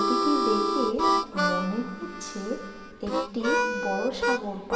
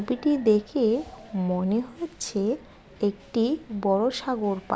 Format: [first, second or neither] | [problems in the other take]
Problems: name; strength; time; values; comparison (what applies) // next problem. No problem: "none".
second | background sound (Harmonica); 3 dB above the speech // room echo; dies away in 1.2 s